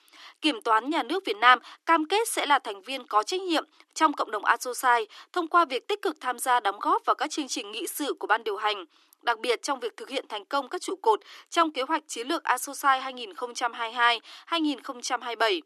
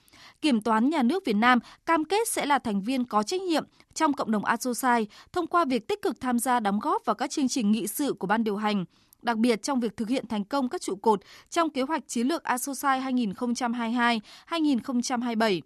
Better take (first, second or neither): second